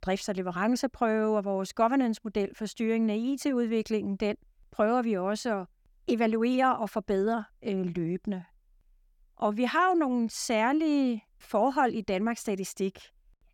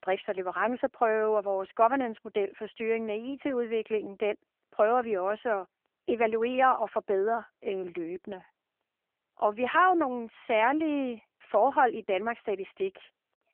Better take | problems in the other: first | phone-call audio; nothing above 3 kHz

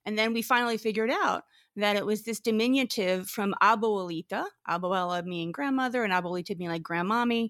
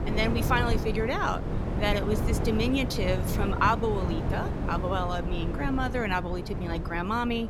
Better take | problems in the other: first | wind noise on the microphone; heavy; 8 dB below the speech

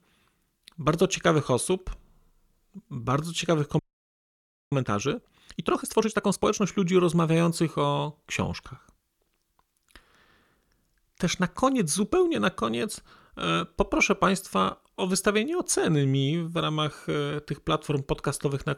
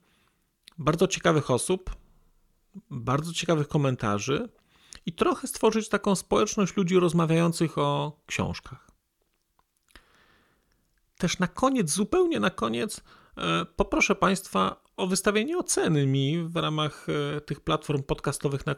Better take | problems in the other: second | audio freezing; at 4 s for 1 s

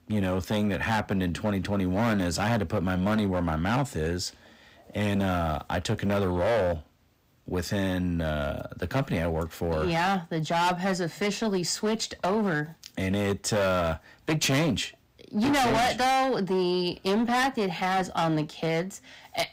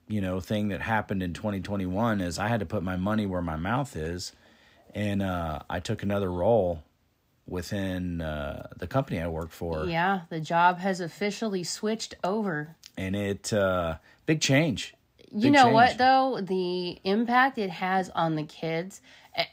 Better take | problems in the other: second | distortion; heavy; 15% of the sound clipped

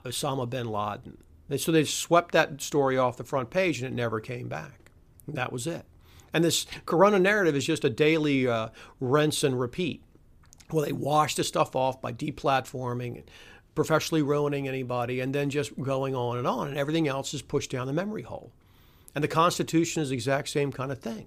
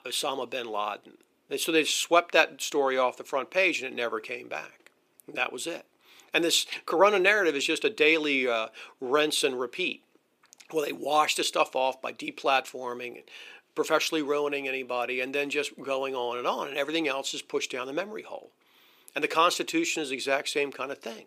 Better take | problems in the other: first | thin; somewhat; fading below 350 Hz

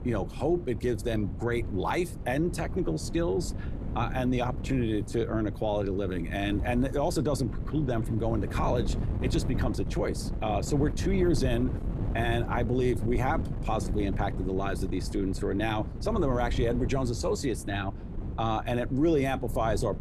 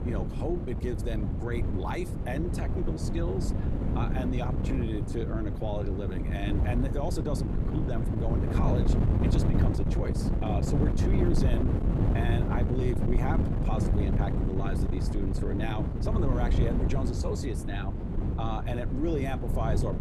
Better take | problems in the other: first | wind noise on the microphone; heavy; 2 dB below the speech; occasional gusts in the first

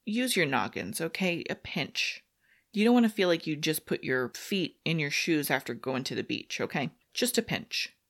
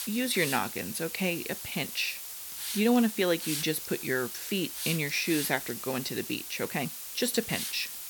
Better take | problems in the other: first | hiss; loud; throughout; 5 dB below the speech

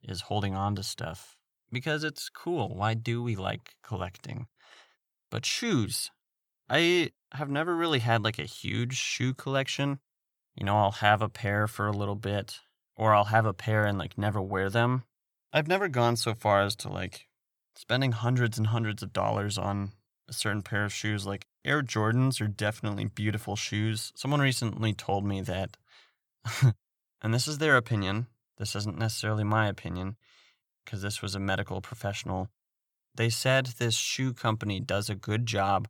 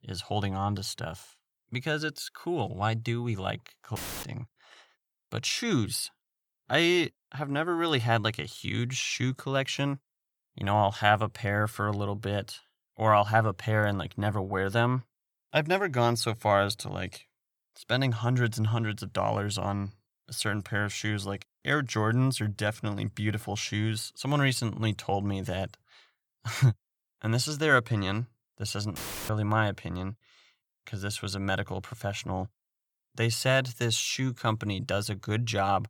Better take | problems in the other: first | audio cutting out; filled with static; at 4 s and at 29 s

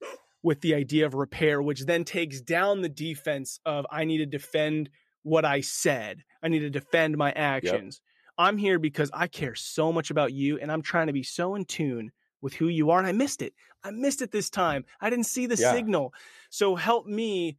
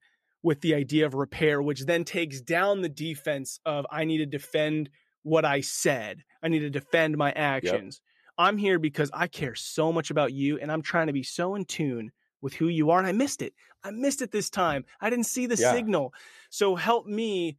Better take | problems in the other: second | dog barking; faint; at the start; peak 15 dB below the speech

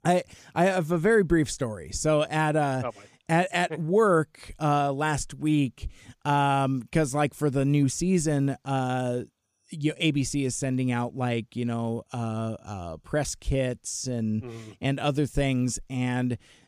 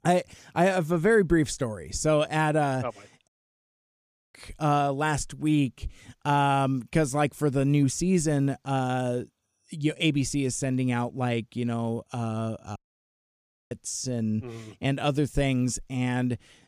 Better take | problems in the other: first | audio cutting out; at 3.5 s for 1 s and at 13 s for 1 s

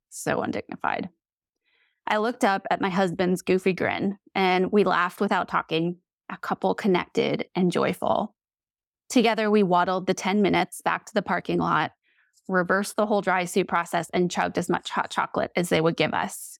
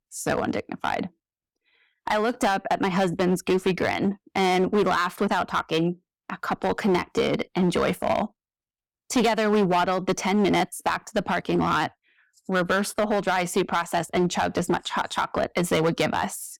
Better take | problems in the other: first | distortion; slight; 7% of the sound clipped

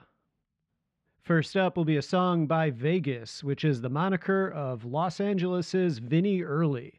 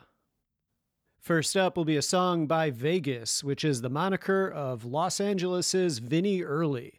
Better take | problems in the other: second | muffled; slightly; fading above 2.5 kHz

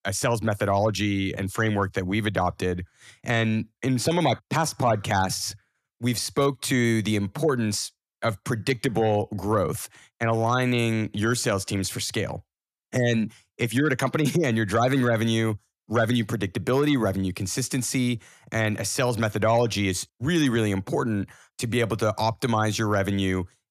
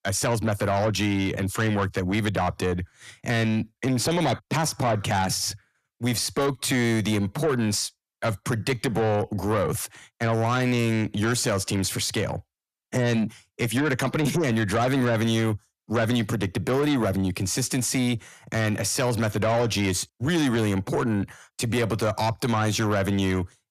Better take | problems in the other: first | distortion; slight; 10 dB below the speech

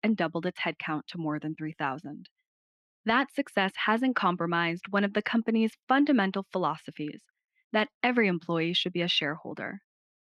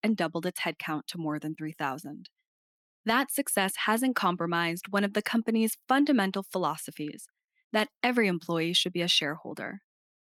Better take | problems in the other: second | muffled; slightly; fading above 2.5 kHz

